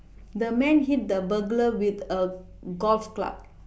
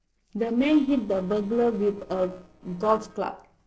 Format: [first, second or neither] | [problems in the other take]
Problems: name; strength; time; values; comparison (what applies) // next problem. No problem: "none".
first | noise reduction (neural separator model SepFormer DNS4)